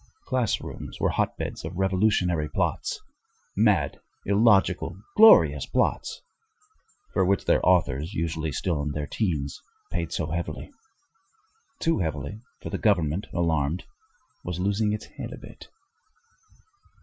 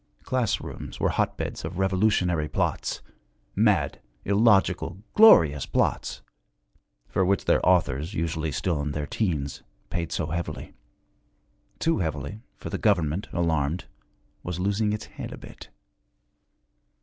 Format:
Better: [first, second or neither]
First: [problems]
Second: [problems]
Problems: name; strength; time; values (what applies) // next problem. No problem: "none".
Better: second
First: noise reduction (classical method Wiener filter)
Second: none